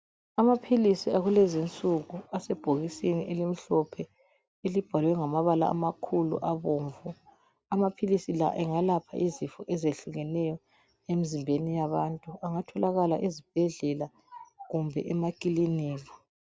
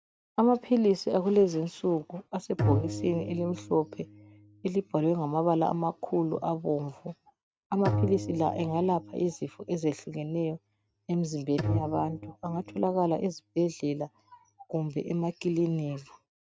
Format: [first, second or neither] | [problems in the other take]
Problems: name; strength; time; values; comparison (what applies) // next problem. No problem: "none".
first | noise reduction (neural mask model RNNoise)